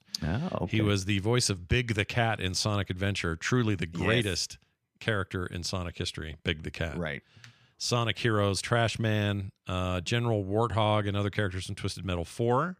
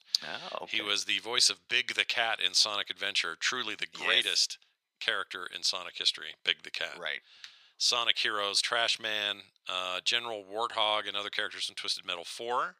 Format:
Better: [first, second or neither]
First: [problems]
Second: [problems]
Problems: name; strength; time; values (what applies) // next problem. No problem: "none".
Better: first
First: none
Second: thin; very; fading below 700 Hz